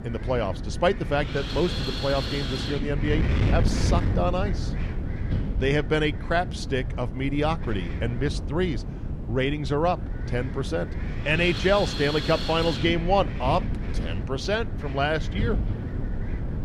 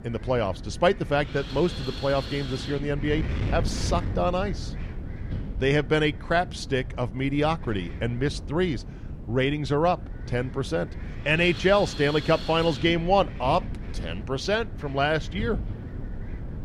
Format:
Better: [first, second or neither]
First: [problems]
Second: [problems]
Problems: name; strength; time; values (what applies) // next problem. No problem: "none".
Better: second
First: wind noise on the microphone; heavy; 9 dB below the speech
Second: wind noise on the microphone; occasional gusts; 15 dB below the speech